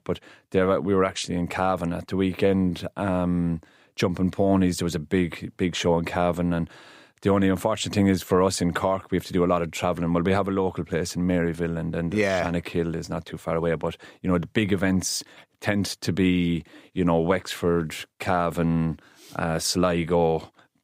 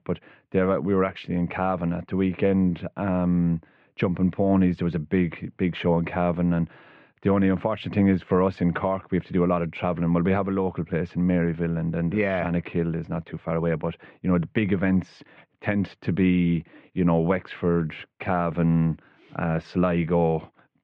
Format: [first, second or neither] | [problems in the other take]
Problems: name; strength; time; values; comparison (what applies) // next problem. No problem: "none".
first | muffled; very; fading above 2.5 kHz